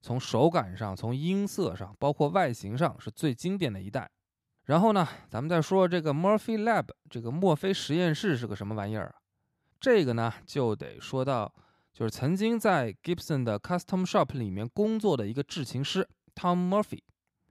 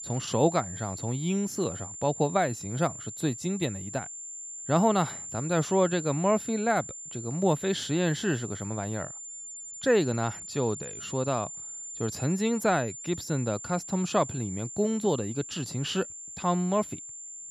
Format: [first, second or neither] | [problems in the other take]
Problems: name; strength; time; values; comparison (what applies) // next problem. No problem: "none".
first | high-pitched whine; loud; throughout; 7 kHz, 9 dB below the speech